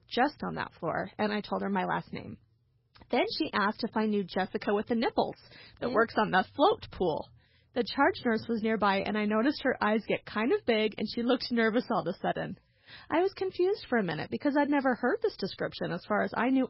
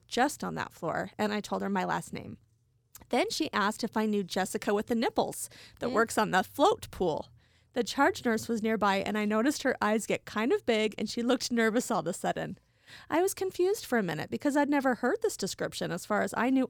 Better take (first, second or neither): second